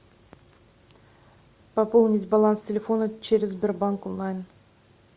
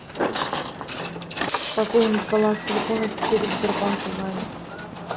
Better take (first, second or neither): first